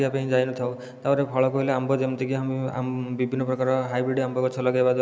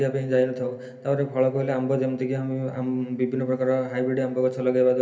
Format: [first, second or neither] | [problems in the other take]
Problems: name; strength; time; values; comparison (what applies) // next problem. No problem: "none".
first | room echo; dies away in 0.3 s